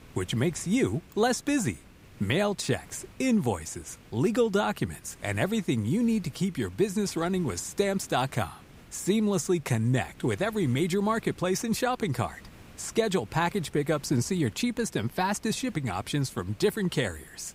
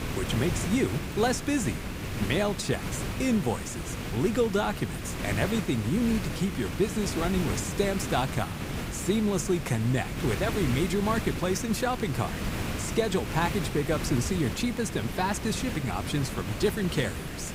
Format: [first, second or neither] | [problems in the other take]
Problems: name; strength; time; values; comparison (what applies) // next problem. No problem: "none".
first | hiss; loud; throughout; 5 dB below the speech; faint in the first